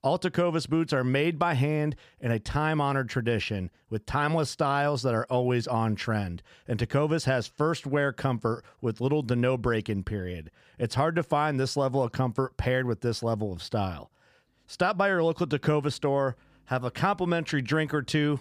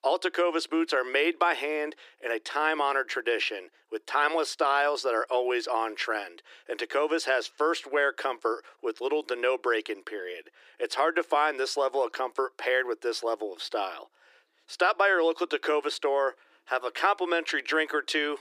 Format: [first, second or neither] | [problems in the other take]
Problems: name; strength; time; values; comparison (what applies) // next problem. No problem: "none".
first | thin; very; fading below 300 Hz